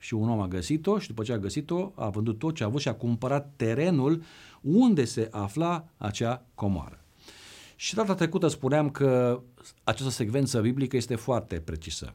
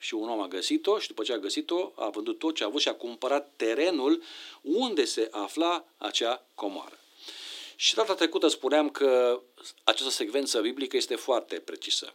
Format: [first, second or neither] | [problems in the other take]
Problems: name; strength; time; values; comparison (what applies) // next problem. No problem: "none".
first | thin; somewhat; fading below 300 Hz